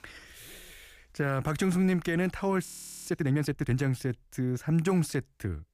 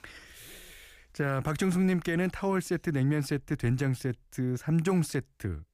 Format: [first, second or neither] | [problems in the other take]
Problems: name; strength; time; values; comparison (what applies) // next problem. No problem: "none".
second | audio freezing; at 2.5 s